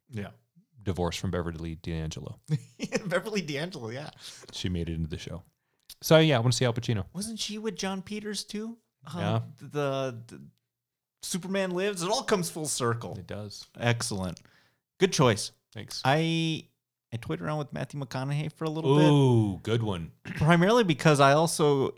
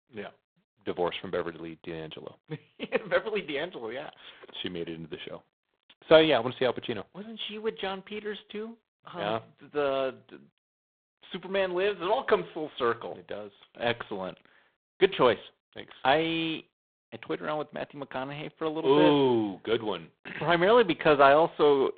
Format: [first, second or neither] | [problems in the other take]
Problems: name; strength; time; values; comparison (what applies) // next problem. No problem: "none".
first | phone-call audio; poor line